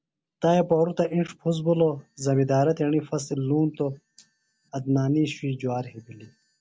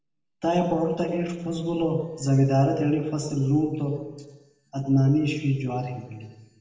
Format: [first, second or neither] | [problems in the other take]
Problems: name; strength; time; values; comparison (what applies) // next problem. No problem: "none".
first | room echo; dies away in 1.1 s